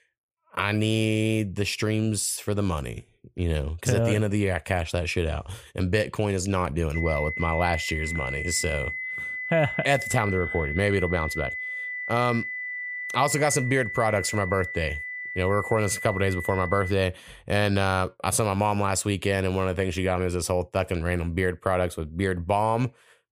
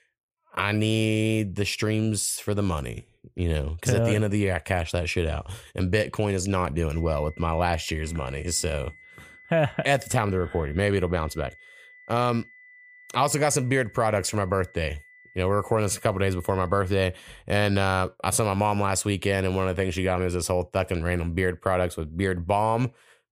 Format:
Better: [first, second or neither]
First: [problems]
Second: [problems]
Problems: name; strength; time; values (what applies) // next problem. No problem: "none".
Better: second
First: high-pitched whine; loud; from 7 to 17 s; 2 kHz, 5 dB below the speech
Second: high-pitched whine; faint; from 7 to 17 s; 2 kHz, 25 dB below the speech